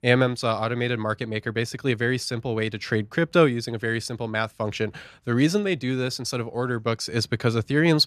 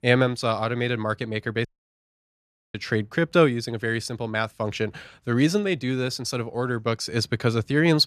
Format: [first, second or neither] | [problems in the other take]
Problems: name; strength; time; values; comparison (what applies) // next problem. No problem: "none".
first | audio cutting out; at 1.5 s for 1 s